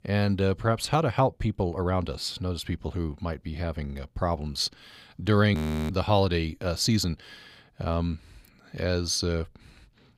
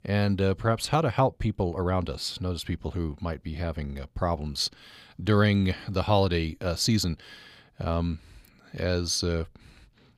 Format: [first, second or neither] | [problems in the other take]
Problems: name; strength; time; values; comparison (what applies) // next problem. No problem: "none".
second | audio freezing; at 5.5 s